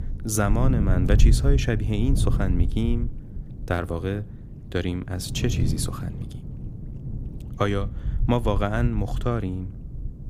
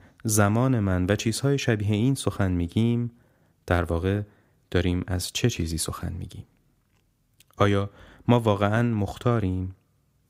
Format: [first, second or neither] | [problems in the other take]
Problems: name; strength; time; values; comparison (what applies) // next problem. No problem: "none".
second | wind noise on the microphone; occasional gusts; 10 dB below the speech